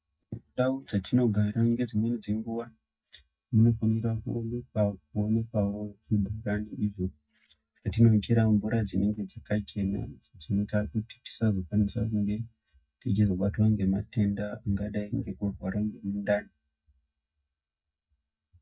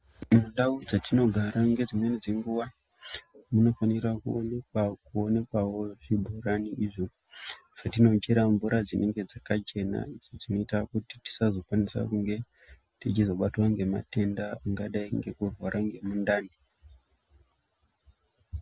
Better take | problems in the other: second | noise reduction (neural mask model DeepFilterNet 3)

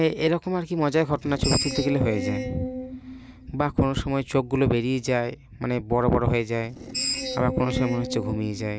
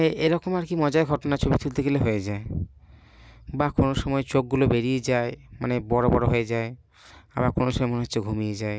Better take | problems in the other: second | background sound (Screech); 9 dB below the speech

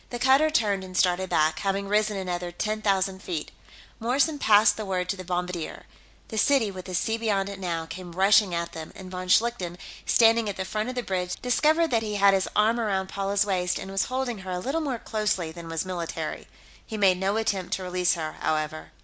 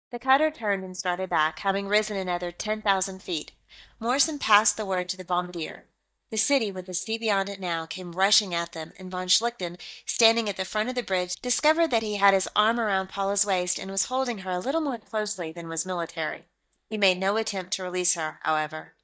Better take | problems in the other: first | noise reduction (neural mask model DeepFilterNet 3)

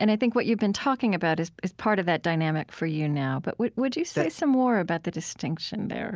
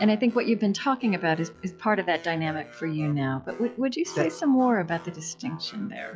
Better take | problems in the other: first | noise reduction (classical method log-MMSE)

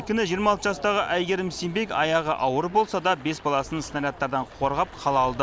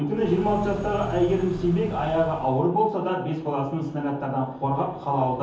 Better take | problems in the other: first | background sound (Car); 12 dB below the speech // room echo; dies away in 0.7 s

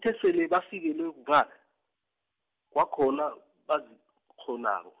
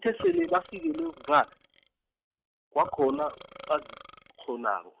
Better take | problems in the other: first | noise reduction (neural mask model RNNoise)

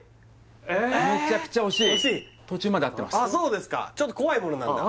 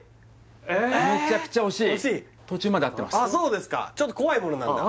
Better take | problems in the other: second | background sound (Screech); 9 dB below the speech

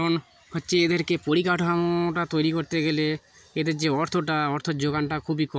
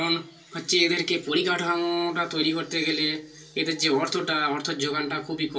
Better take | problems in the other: first | room echo; dies away in 0.3 s

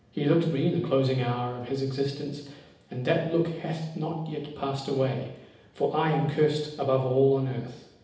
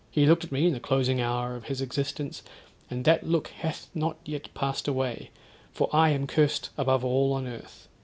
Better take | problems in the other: second | room echo; dies away in 0.8 s

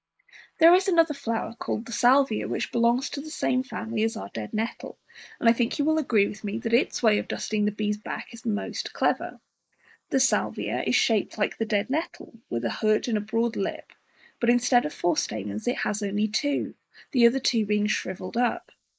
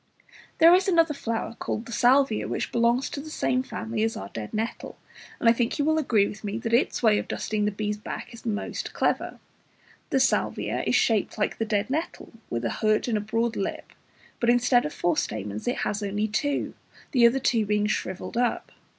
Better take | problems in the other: second | noise reduction (neural mask model Resemble Enhance denoiser)

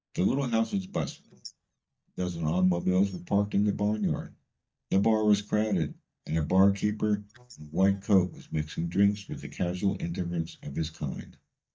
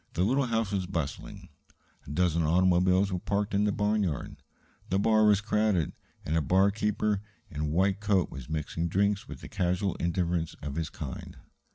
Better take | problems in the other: second | noise reduction (neural mask model DeepFilterNet 3)

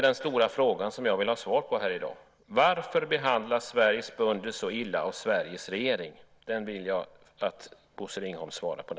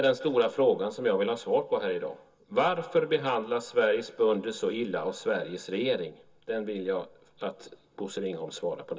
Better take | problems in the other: first | room echo; dies away in 0.2 s

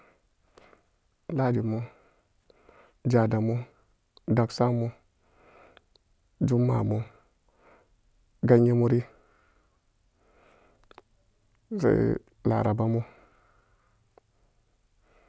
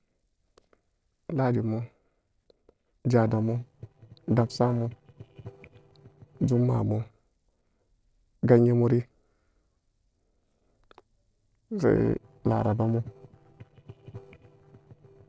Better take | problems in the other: first | noise reduction (neural separator model SepFormer DNS4)

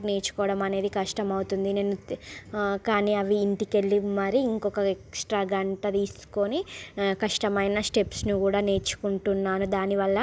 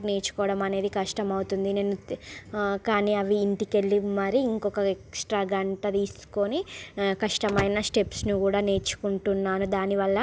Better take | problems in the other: first | background sound (Slam / Wood); 11 dB below the speech

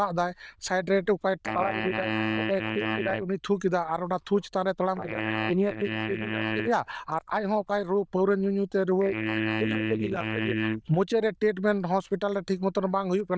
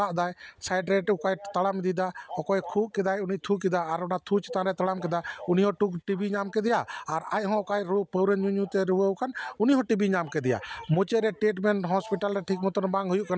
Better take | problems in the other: second | noise reduction (neural diffusion model UNIVERSE++)

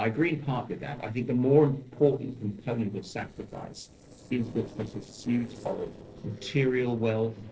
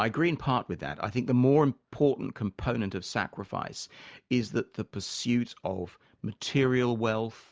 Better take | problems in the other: second | noise reduction (neural separator model SepFormer DNS4)

